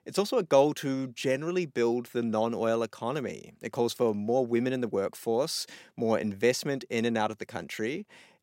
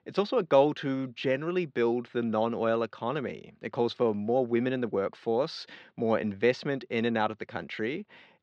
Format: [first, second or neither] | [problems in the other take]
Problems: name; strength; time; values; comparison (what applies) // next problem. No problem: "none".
first | muffled; slightly; fading above 4 kHz